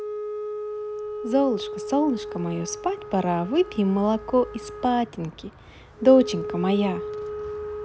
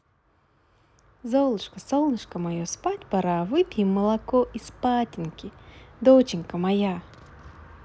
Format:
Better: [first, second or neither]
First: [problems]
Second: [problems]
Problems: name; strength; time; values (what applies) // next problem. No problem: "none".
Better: second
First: background sound (Wind instrument, woodwind instrument); 9 dB below the speech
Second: none